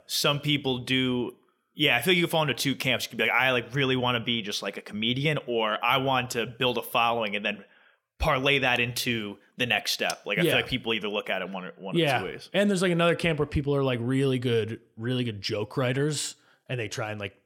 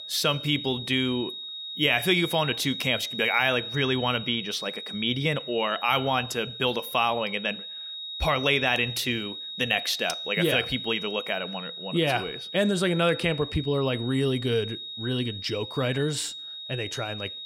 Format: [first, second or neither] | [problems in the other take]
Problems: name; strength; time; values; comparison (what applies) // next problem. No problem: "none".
first | high-pitched whine; loud; throughout; 4 kHz, 8 dB below the speech